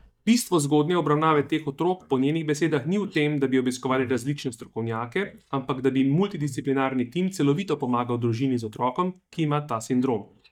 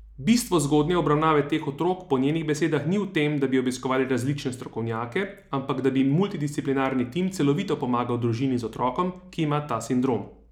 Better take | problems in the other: second | noise reduction (neural mask model DeepFilterNet 3)

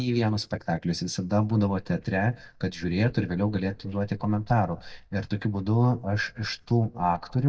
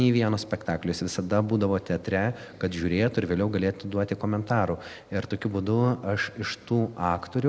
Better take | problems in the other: second | noise reduction (neural mask model DeepFilterNet 3)

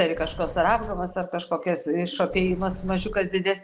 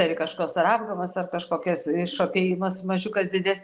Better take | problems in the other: second | background sound (Sliding door); 12 dB below the speech

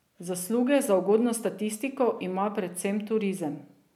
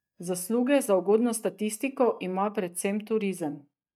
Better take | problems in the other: first | noise reduction (neural mask model DeepFilterNet 3)

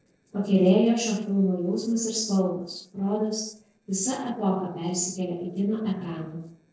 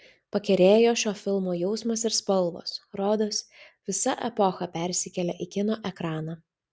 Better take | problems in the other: second | noise reduction (neural separator model SepFormer DNS4)

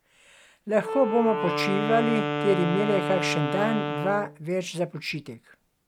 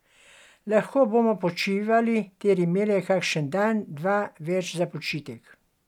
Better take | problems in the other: second | background sound (Wind instrument, woodwind instrument); 4 dB below the speech

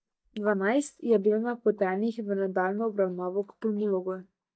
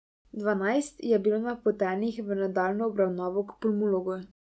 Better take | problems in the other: second | noise reduction (neural mask model DeepFilterNet 3)

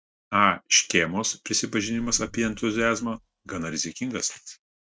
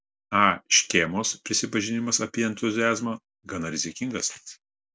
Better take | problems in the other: second | noise reduction (neural mask model RNNoise)

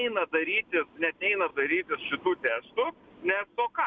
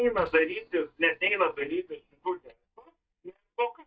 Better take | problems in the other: first | noise reduction (neural mask model DeepFilterNet 3)

